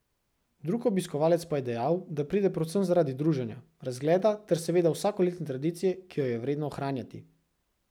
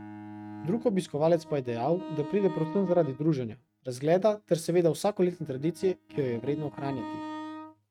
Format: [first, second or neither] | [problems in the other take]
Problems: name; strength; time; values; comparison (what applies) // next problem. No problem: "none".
first | noise reduction (neural mask model RNNoise)